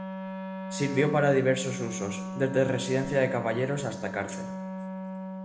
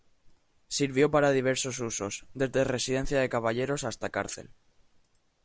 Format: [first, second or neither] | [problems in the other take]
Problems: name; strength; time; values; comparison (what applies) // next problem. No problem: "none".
second | background sound (Wind instrument, woodwind instrument); 7 dB below the speech // room echo; dies away in 0.8 s